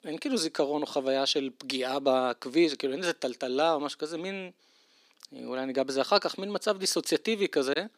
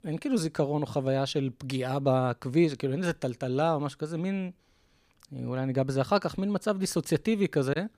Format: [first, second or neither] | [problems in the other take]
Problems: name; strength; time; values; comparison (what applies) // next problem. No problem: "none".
second | thin; very slightly; fading below 250 Hz